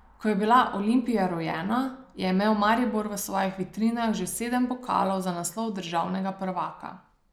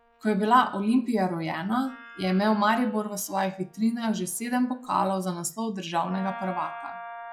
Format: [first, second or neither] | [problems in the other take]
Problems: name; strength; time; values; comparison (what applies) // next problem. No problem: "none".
first | noise reduction (classical method log-MMSE)